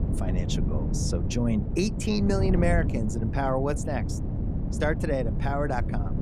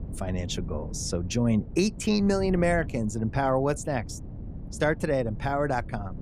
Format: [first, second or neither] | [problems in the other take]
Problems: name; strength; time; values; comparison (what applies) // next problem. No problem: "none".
second | wind noise on the microphone; heavy; 9 dB below the speech; occasional gusts in the second